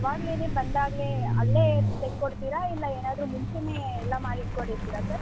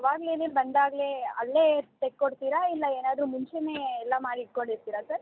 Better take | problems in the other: second | background sound (Truck); 3 dB above the speech

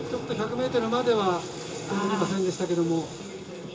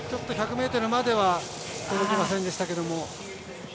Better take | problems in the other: second | background sound (Toilet flush); 20 dB below the speech // room echo; dies away in 0.2 s

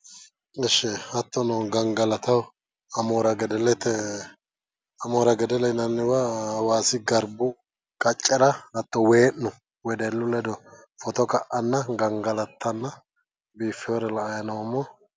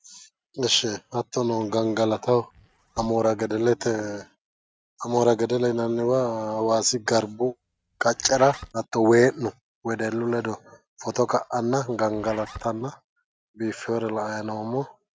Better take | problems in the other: first | noise reduction (neural mask model RNNoise)

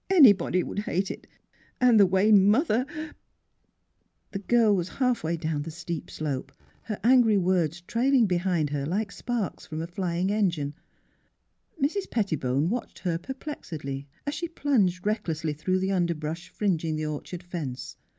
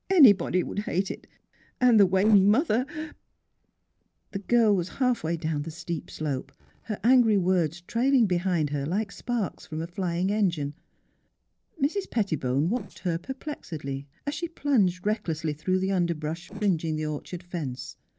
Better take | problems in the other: first | noise reduction (neural separator model SepFormer DNS4)

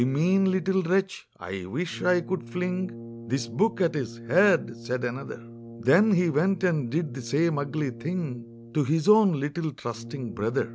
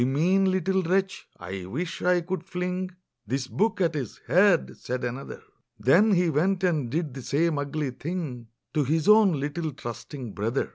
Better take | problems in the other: second | background sound (Brass instrument); 16 dB below the speech

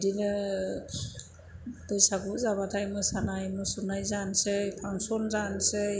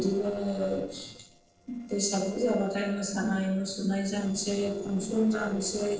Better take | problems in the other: first | noise reduction (neural separator model SepFormer DNS4)

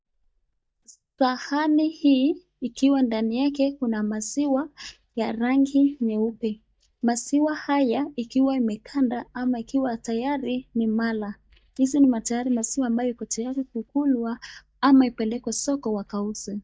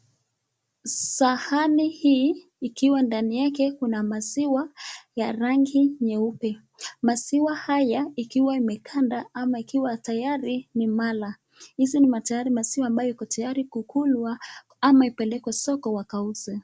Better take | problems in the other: second | noise reduction (neural mask model DeepFilterNet 3)

